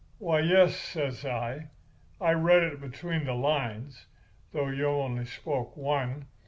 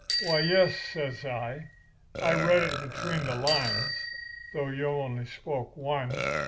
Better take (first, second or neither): first